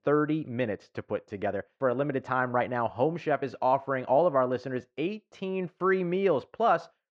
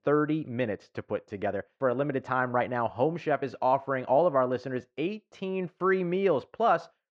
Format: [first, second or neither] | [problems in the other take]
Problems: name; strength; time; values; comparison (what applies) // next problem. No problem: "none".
neither | muffled; very; fading above 2 kHz; the same in both